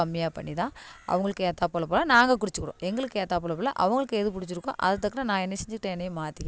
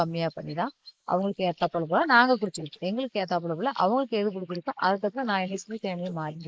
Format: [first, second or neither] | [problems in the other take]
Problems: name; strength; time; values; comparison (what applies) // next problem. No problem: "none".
first | noise reduction (neural mask model Resemble Enhance denoiser)